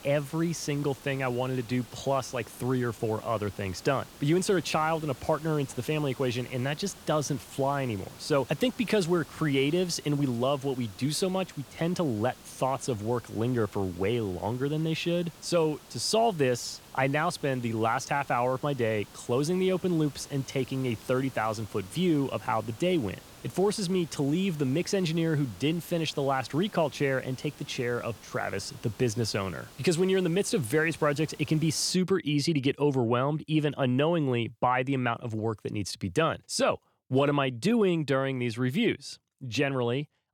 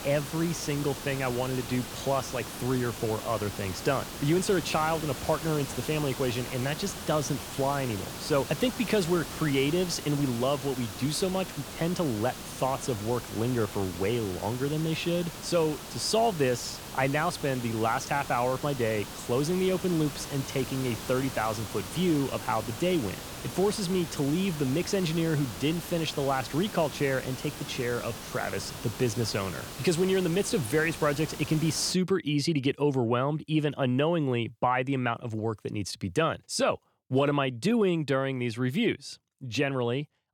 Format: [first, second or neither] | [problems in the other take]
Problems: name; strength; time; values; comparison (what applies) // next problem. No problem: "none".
first | hiss; loud; until 32 s; 10 dB below the speech; faint in the first